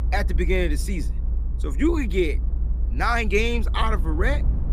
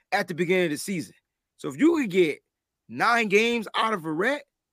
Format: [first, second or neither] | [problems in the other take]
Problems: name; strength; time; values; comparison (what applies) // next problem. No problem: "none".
second | low rumble; noticeable; throughout; 20 dB below the speech